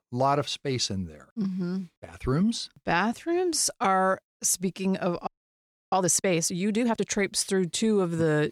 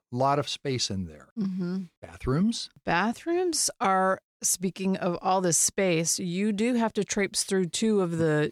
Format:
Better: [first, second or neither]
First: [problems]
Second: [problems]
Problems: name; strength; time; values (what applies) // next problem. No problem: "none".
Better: second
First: audio freezing; at 5.5 s for 0.5 s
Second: none